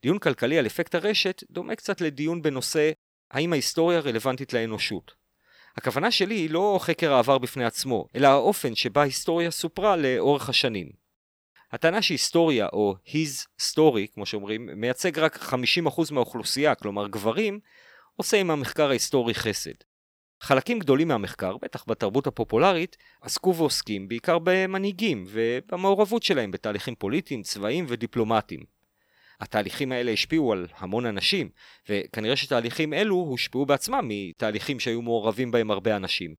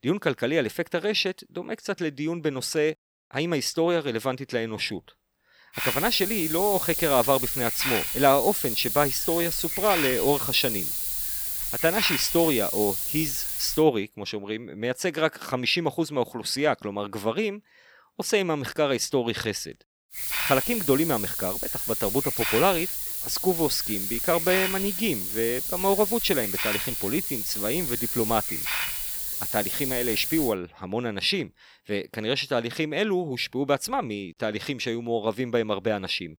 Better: first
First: none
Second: hiss; loud; from 6 to 14 s and from 20 to 31 s; as loud as the speech

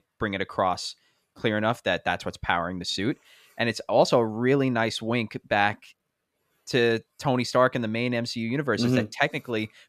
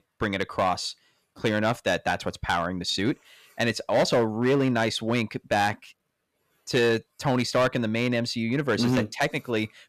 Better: first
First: none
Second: distortion; slight; 5% of the sound clipped

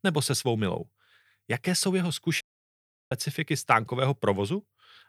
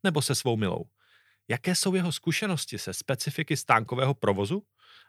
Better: second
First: audio cutting out; at 2.5 s for 0.5 s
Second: none

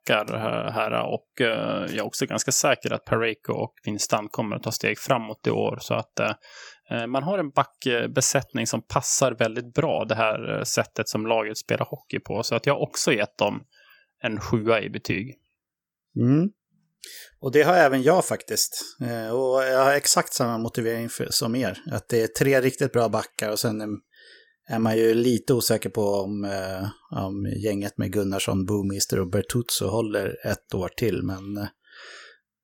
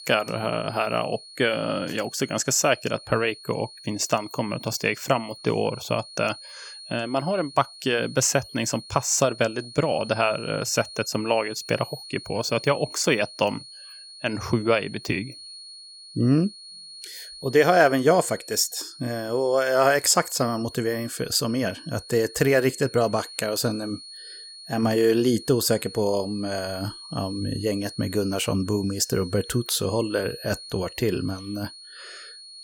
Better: first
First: none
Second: high-pitched whine; noticeable; throughout; 4.5 kHz, 15 dB below the speech

